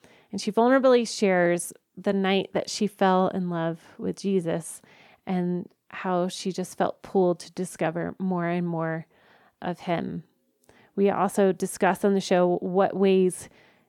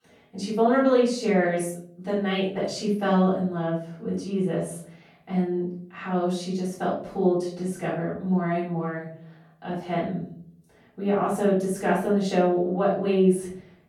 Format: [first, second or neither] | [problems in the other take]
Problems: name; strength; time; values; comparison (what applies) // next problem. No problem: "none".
first | room echo; noticeable; dies away in 0.5 s // off-mic speech; far